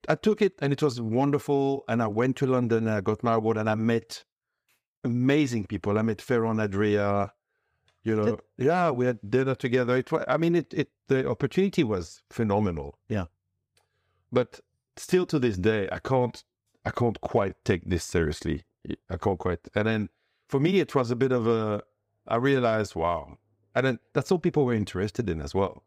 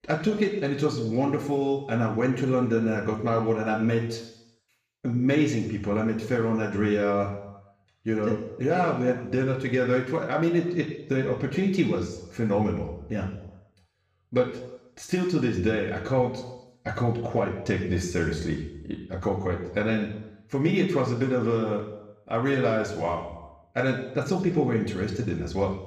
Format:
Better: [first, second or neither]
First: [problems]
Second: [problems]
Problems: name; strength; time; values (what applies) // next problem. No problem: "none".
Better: first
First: none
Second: room echo; slight; dies away in 0.8 s // off-mic speech; somewhat distant